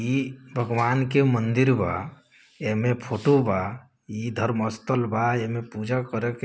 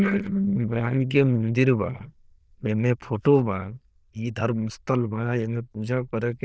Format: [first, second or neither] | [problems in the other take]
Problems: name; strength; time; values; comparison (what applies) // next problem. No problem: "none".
first | noise reduction (neural diffusion model UNIVERSE++)